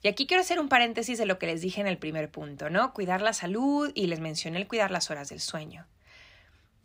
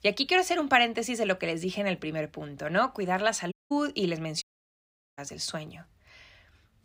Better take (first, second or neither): first